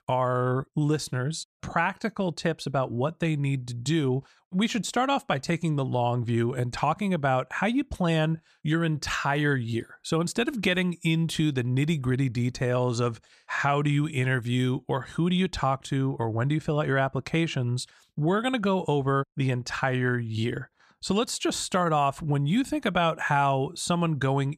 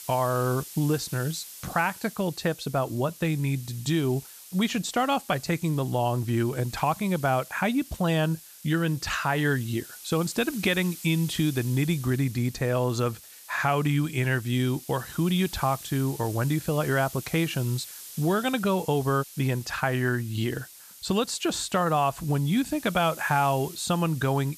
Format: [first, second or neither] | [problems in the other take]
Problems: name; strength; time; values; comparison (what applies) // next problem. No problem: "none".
first | hiss; noticeable; throughout; 15 dB below the speech